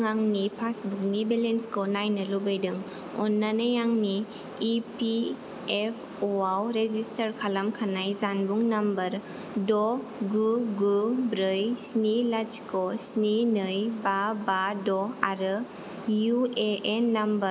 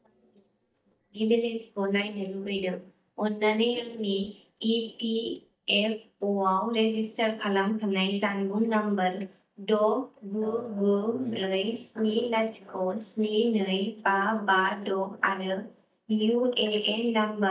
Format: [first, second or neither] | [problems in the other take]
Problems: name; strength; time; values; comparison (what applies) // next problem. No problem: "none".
first | noise reduction (neural mask model DeepFilterNet 3)